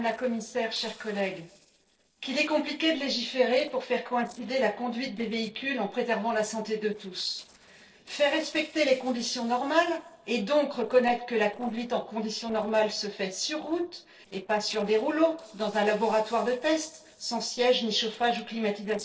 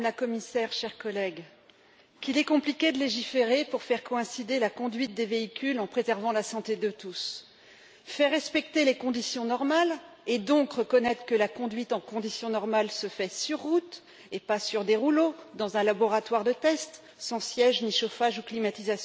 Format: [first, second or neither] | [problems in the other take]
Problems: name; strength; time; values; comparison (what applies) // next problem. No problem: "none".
second | noise reduction (neural separator model SepFormer DNS4)